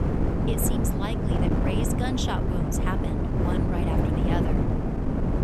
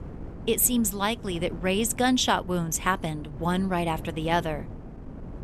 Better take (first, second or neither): second